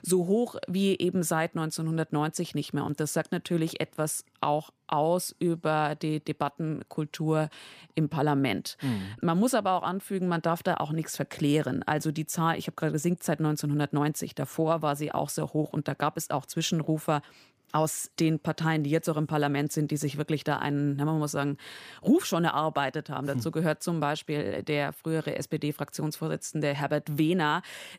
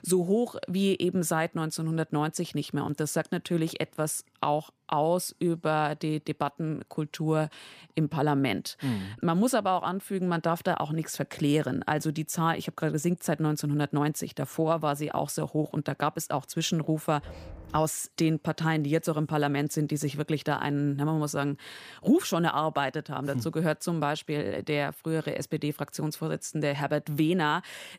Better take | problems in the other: first | door banging; faint; at 17 s; peak 15 dB below the speech

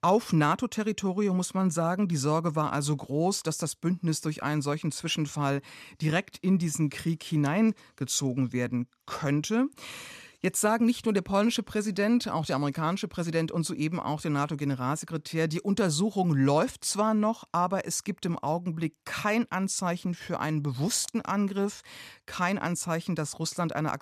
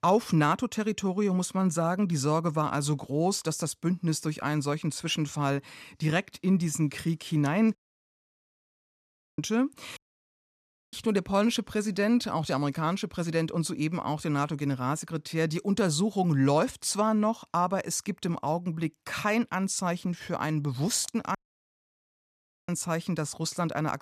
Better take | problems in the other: first | audio cutting out; at 8 s for 1.5 s, at 10 s for 1 s and at 21 s for 1.5 s

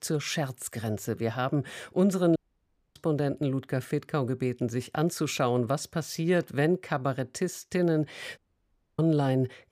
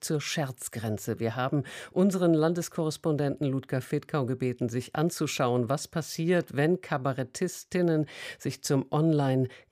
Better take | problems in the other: second | audio cutting out; at 2.5 s for 0.5 s and at 8.5 s for 0.5 s

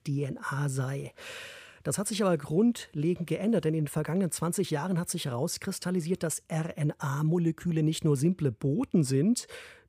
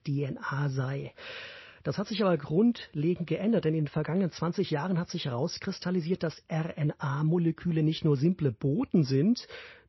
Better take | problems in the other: first | garbled, watery; slightly; nothing above 6 kHz

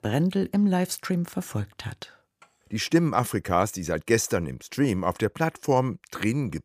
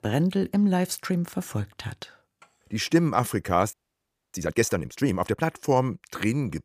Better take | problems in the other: first | audio freezing; at 3.5 s for 0.5 s

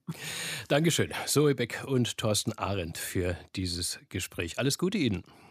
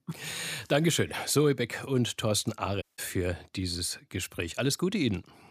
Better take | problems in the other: first | audio cutting out; at 3 s

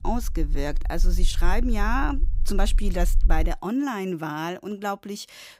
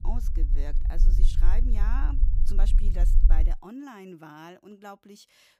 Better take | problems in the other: first | low rumble; loud; until 3.5 s; 7 dB below the speech; faint in the first

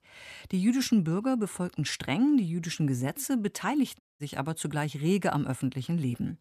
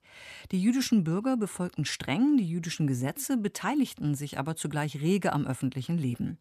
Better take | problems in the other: second | audio cutting out; at 4 s

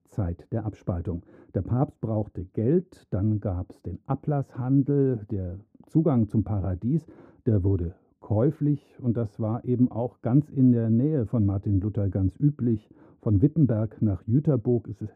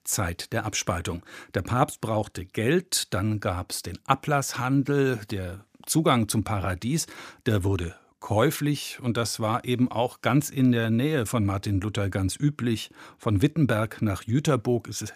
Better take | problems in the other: second | muffled; very; fading above 1.5 kHz

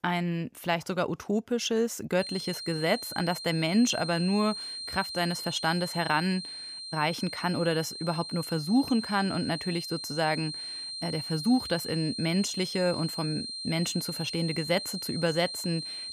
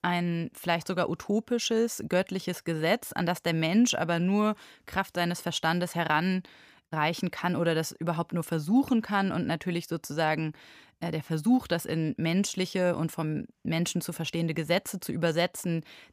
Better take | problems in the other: second | high-pitched whine; loud; from 2 s on; 4 kHz, 6 dB below the speech

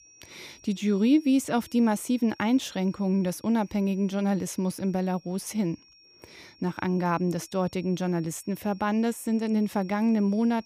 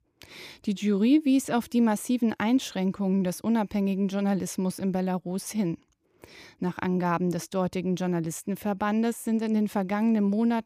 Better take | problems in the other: second | high-pitched whine; faint; throughout; 5.5 kHz, 25 dB below the speech

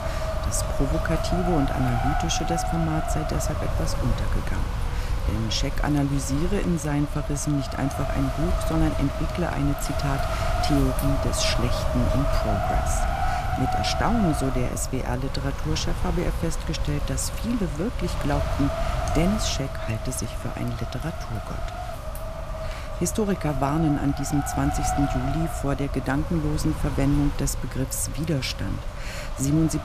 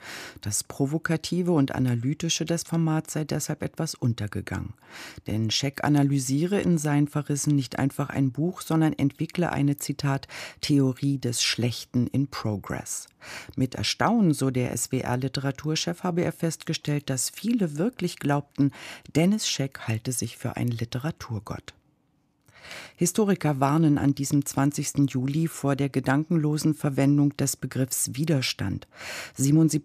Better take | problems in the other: second | wind noise on the microphone; heavy; as loud as the speech

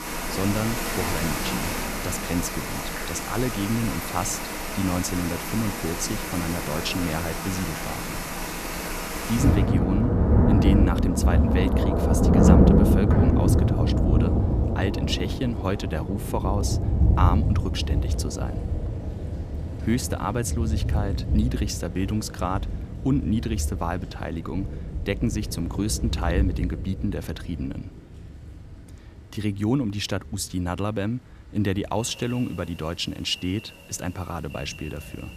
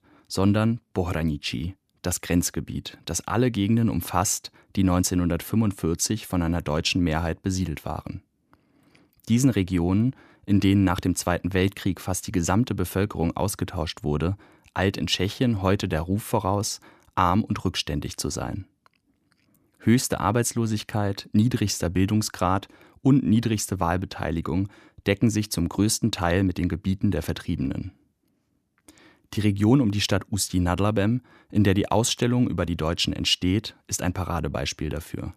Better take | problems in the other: second | rain or running water; very loud; throughout; 4 dB above the speech

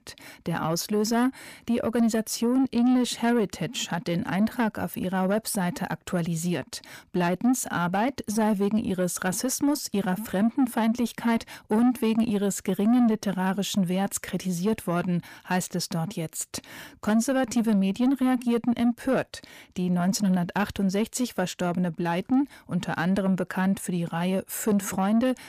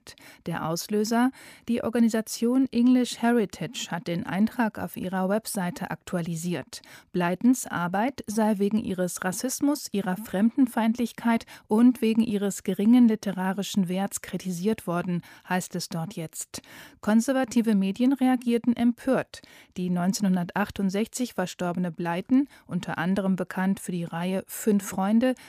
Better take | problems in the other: second | distortion; slight; 10 dB below the speech

